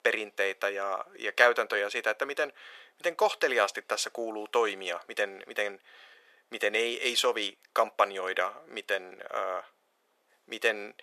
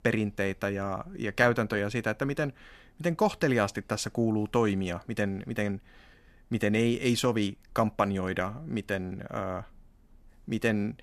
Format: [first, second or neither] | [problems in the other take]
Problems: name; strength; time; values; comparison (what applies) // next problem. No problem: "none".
second | thin; very; fading below 450 Hz